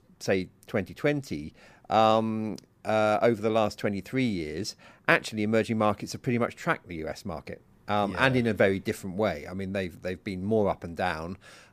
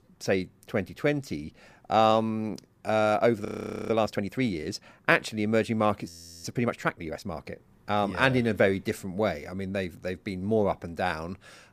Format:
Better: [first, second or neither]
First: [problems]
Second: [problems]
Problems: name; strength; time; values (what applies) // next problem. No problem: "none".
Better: first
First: none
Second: audio freezing; at 3.5 s and at 6 s